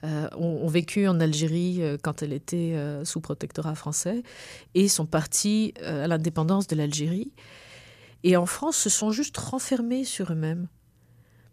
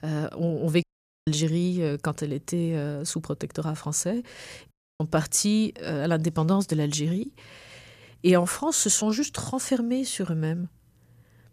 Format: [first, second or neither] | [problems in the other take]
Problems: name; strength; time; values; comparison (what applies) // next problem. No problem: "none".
first | audio cutting out; at 1 s and at 4.5 s